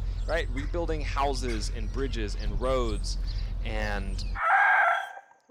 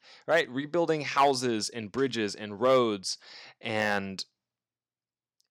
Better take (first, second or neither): second